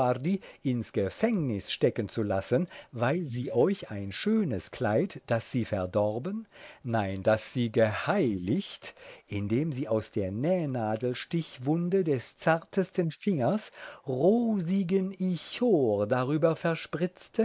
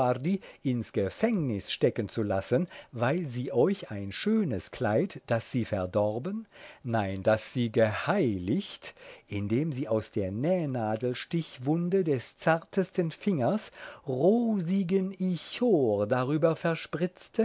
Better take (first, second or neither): second